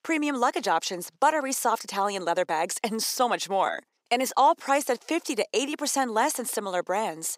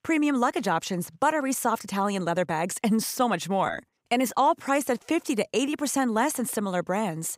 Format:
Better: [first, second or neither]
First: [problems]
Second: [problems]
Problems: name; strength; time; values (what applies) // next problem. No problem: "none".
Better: second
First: thin; somewhat; fading below 400 Hz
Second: none